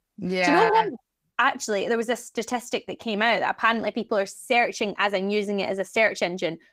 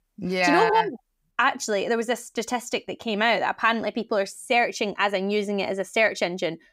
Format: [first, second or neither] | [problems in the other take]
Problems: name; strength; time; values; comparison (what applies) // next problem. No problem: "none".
second | garbled, watery; slightly; nothing above 15.5 kHz